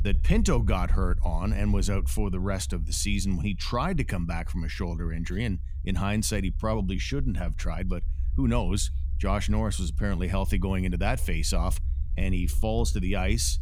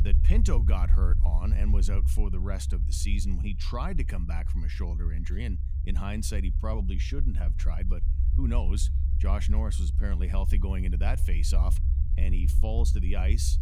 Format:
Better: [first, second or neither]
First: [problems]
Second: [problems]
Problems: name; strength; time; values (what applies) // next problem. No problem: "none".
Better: first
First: low rumble; faint; throughout; 20 dB below the speech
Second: low rumble; loud; throughout; 8 dB below the speech